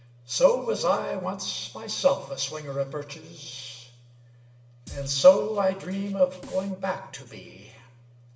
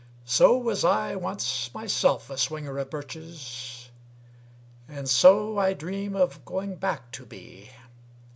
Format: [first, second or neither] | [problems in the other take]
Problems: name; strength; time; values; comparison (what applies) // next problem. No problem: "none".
second | background sound (Drum kit); 19 dB below the speech // room echo; dies away in 0.7 s